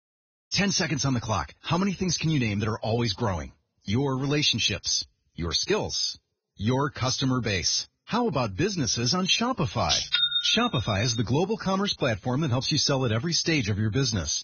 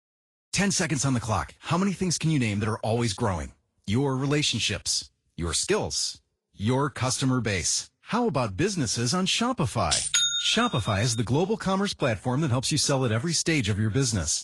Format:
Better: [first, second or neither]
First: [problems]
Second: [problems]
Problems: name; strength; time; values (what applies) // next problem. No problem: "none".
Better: second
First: garbled, watery; badly; nothing above 6.5 kHz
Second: garbled, watery; slightly; nothing above 10.5 kHz